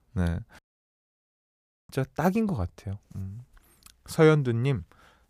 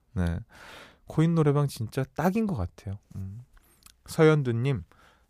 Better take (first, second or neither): second